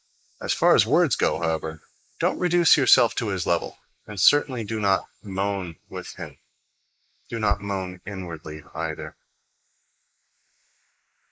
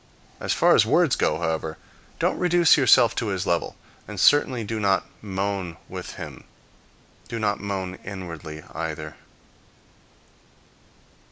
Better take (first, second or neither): second